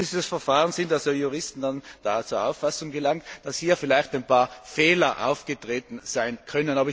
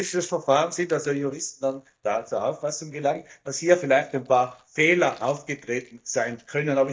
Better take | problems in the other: first | noise reduction (neural mask model DeepFilterNet 3)

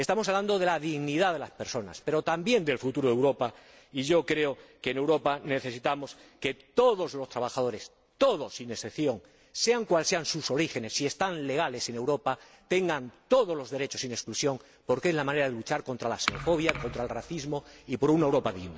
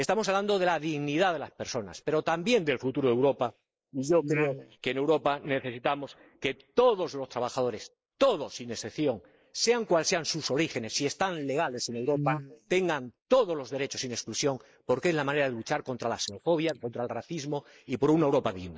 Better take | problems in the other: first | noise reduction (neural mask model Resemble Enhance denoiser)

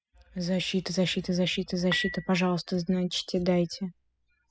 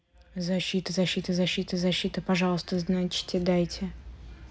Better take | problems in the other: second | noise reduction (classical method spectral subtraction)

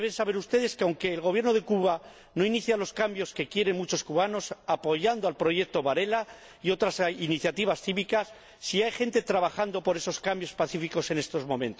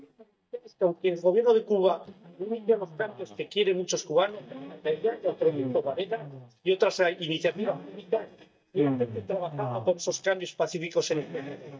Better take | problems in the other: first | noise reduction (neural mask model DeepFilterNet 3)

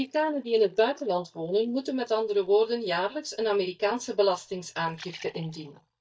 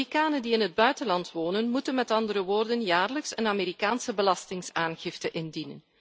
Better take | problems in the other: second | noise reduction (neural mask model DeepFilterNet 3)

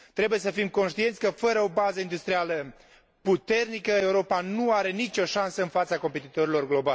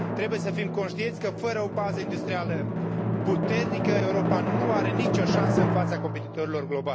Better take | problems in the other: first | background sound (Drum); 3 dB above the speech

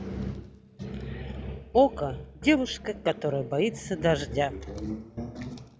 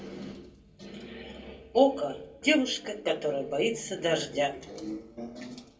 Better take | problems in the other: first | room echo; dies away in 0.3 s

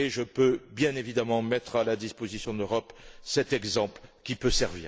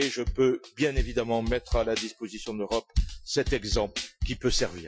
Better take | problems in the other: first | noise reduction (classical method Wiener filter)

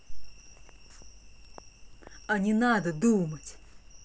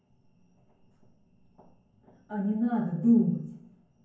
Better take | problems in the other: first | room echo; dies away in 0.9 s

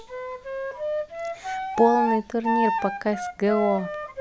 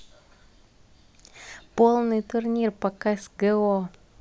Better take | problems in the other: second | background sound (Wind instrument, woodwind instrument); 2 dB below the speech

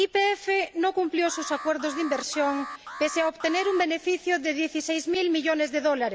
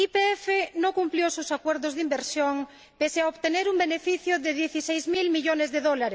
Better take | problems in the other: second | background sound (Alarm); 13 dB below the speech

